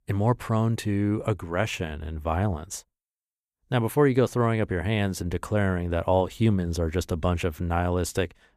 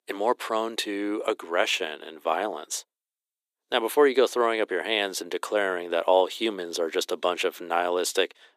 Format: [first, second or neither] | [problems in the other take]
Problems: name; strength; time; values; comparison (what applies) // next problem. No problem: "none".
first | thin; very; fading below 350 Hz